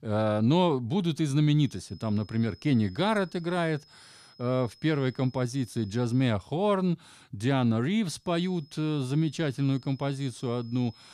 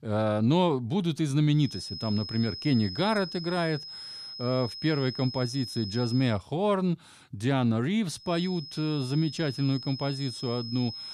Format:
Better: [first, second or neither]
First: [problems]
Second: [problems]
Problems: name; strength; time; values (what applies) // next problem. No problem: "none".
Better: first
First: high-pitched whine; faint; from 1.5 to 6.5 s and from 8.5 s on; 5 kHz, 25 dB below the speech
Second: high-pitched whine; loud; from 1.5 to 6.5 s and from 8.5 s on; 5 kHz, 10 dB below the speech